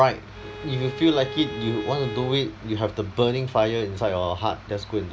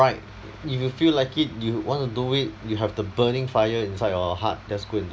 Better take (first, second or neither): second